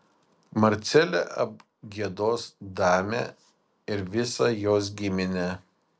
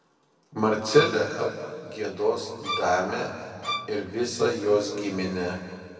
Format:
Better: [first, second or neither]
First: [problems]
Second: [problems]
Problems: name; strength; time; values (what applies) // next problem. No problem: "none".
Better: first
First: none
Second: background sound (Bowed string instrument); 7 dB below the speech // room echo; dies away in 2.1 s